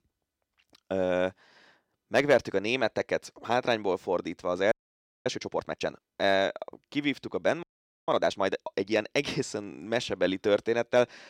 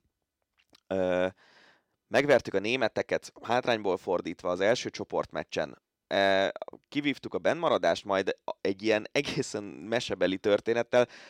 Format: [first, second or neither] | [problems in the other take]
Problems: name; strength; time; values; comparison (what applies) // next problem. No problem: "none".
second | audio freezing; at 4.5 s for 0.5 s and at 7.5 s